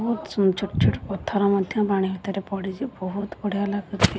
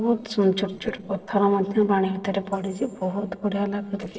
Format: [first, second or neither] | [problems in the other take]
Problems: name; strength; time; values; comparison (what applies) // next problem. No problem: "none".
first | noise reduction (neural separator model SepFormer DNS4)